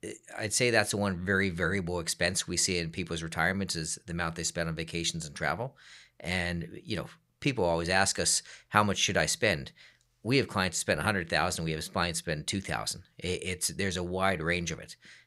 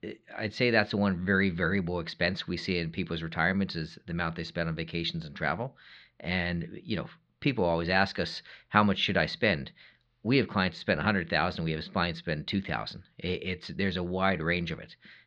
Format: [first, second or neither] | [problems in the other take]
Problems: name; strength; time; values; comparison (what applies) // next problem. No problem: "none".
first | muffled; slightly; fading above 4 kHz